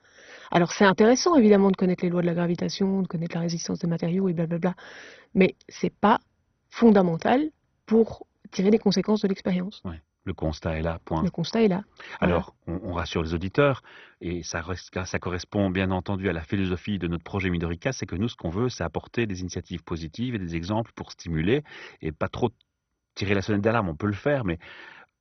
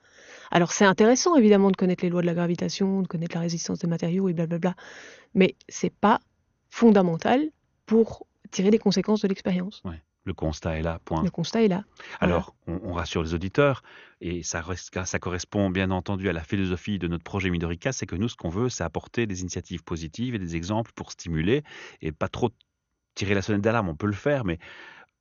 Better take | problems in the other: second | garbled, watery; badly; nothing above 6 kHz; slightly in the second

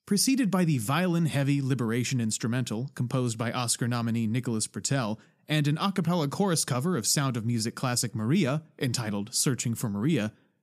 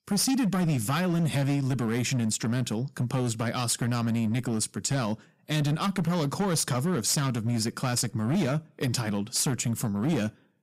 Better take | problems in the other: first | distortion; slight; 14% of the sound clipped

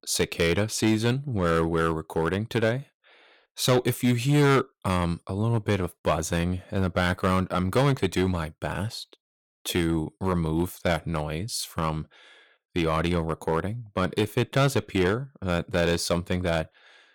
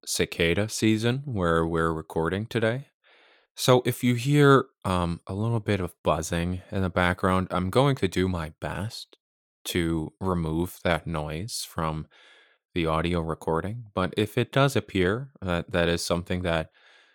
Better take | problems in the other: second | distortion; slight; 4% of the sound clipped

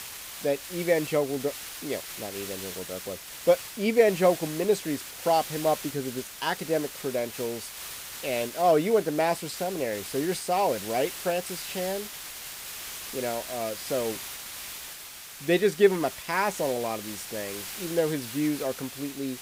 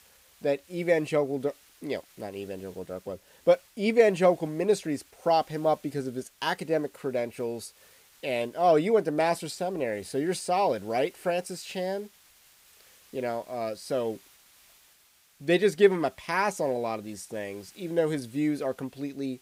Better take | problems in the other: second | hiss; loud; throughout; 9 dB below the speech; faint in the second

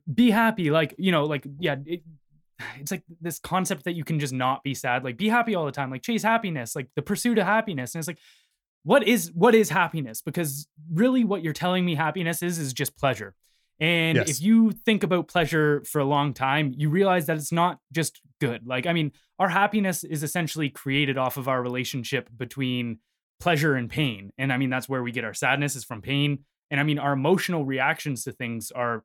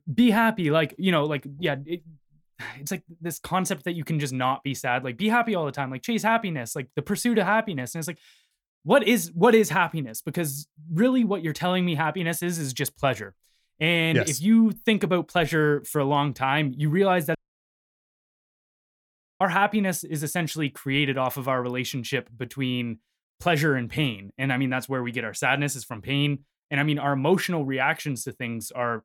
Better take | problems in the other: first | audio cutting out; at 17 s for 2 s

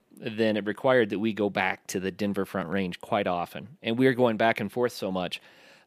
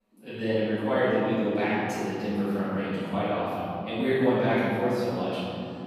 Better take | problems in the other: first | room echo; strong; dies away in 3 s // off-mic speech; far

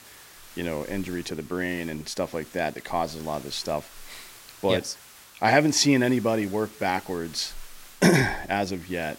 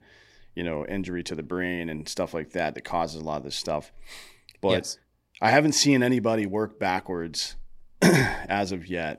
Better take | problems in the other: second | hiss; faint; throughout; 20 dB below the speech

